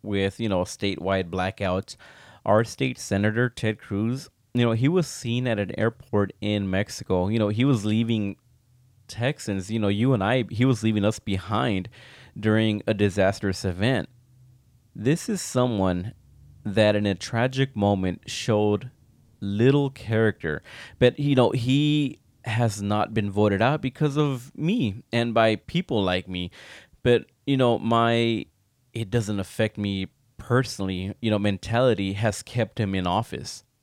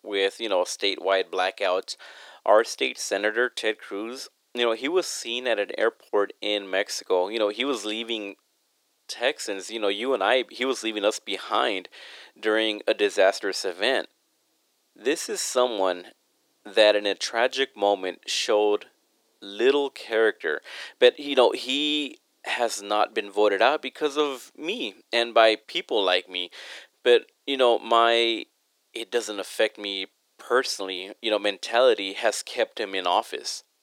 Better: first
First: none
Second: thin; very; fading below 350 Hz

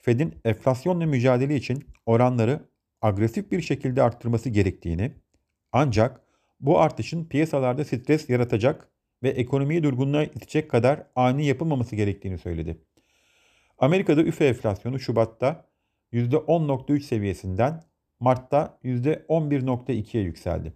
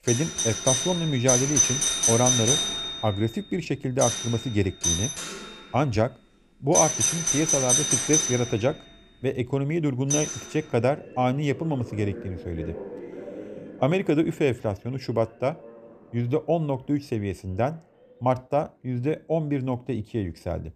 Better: first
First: none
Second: alarms or sirens; very loud; throughout; 3 dB above the speech

